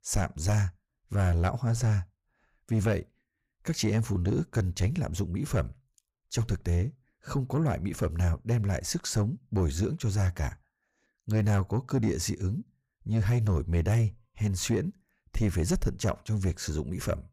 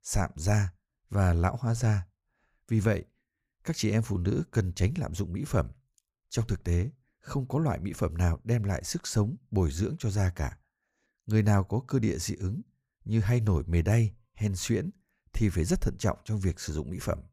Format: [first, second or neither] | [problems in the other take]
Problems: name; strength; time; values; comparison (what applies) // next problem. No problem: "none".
second | distortion; slight; 10 dB below the speech